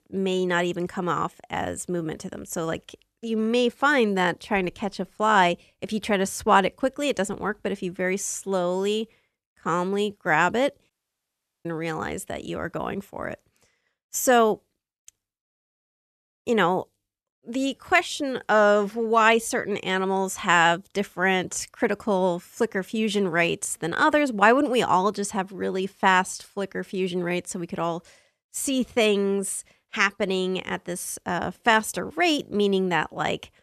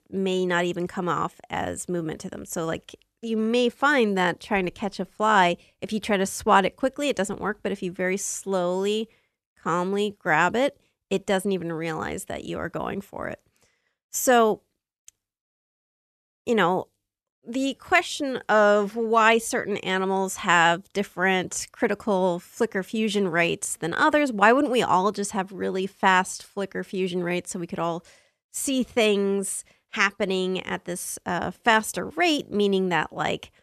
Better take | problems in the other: second | audio cutting out; at 11 s for 1 s

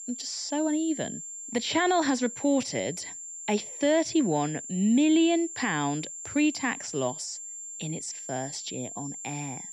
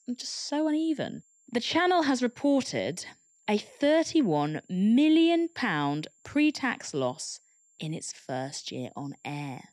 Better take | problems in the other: second | high-pitched whine; loud; throughout; 7.5 kHz, 9 dB below the speech; faint in the second

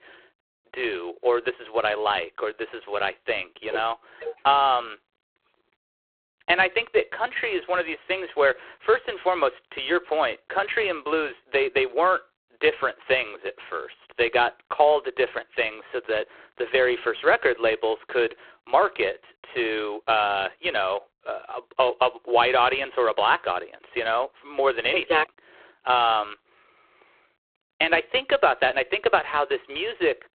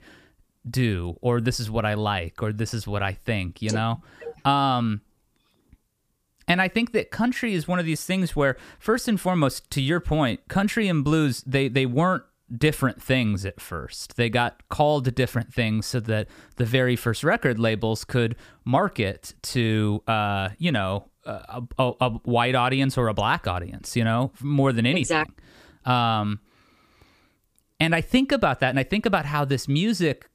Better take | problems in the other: second | phone-call audio; poor line

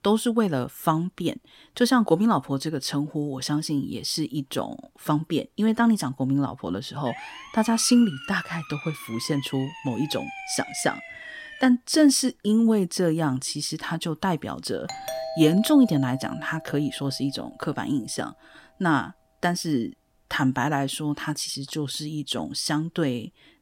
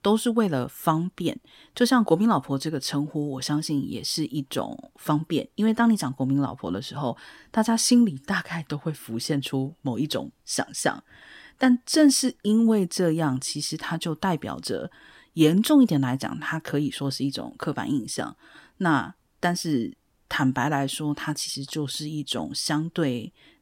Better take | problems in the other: second | siren; faint; from 7 to 12 s; peak 10 dB below the speech // doorbell; noticeable; from 15 to 17 s; peak 7 dB below the speech

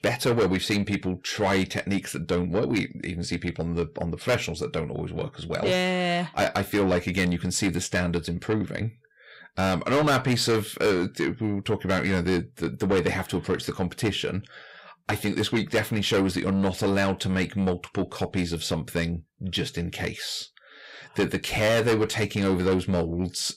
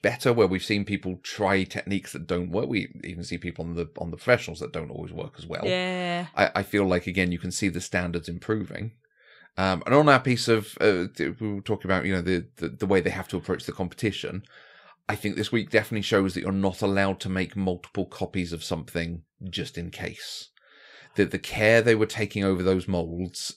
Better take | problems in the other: second | distortion; heavy; 6 dB below the speech

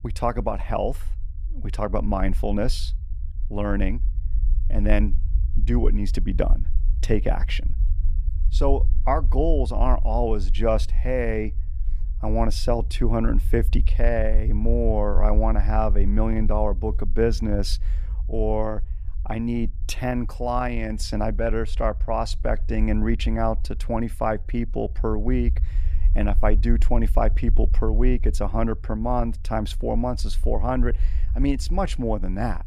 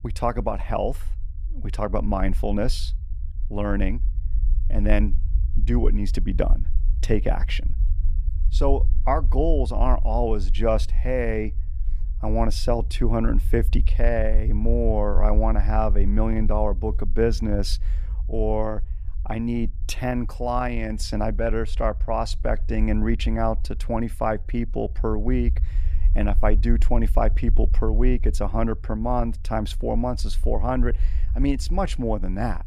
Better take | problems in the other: neither | low rumble; faint; throughout; 20 dB below the speech; the same in both

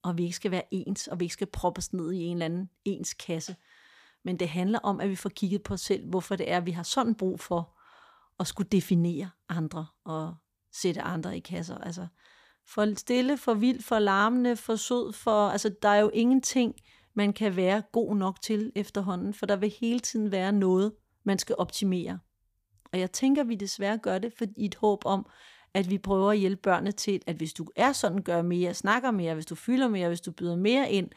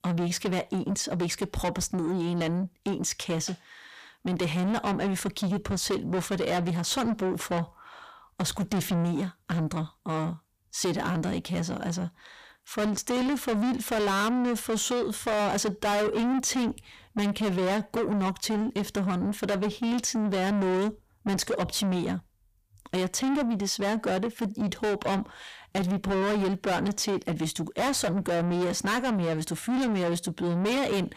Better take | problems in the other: first | distortion; heavy; 6 dB below the speech

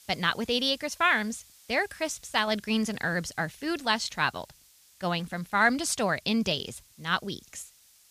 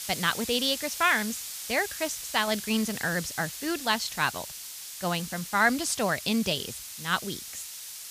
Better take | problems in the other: first | hiss; loud; throughout; 8 dB below the speech; faint in the first

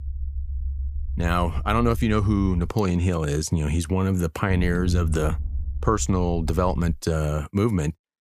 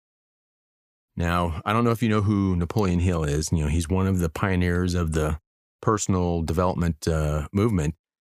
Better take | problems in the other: second | low rumble; faint; until 2.5 s and from 4.5 to 7 s; 20 dB below the speech

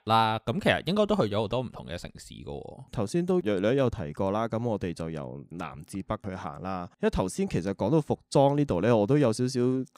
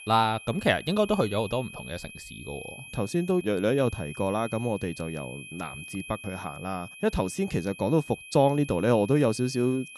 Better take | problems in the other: first | high-pitched whine; noticeable; throughout; 2.5 kHz, 15 dB below the speech

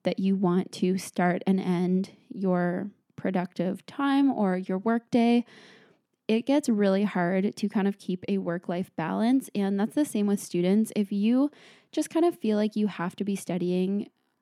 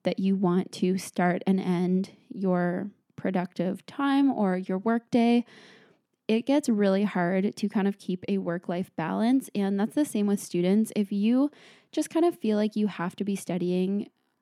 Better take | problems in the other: neither | none

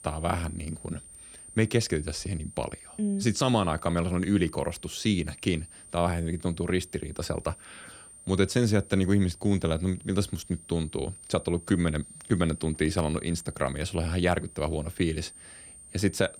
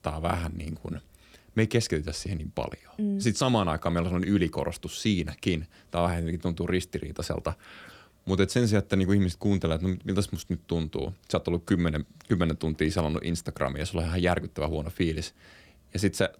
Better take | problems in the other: second | high-pitched whine; noticeable; throughout; 9 kHz, 15 dB below the speech

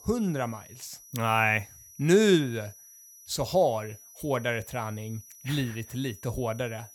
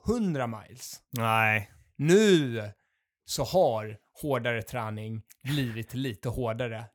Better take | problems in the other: second | high-pitched whine; faint; throughout; 6 kHz, 20 dB below the speech

